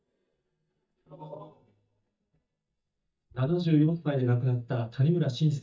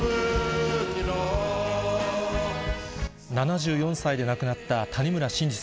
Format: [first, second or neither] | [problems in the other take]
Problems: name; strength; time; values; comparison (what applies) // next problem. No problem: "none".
second | noise reduction (neural mask model DeepFilterNet 3)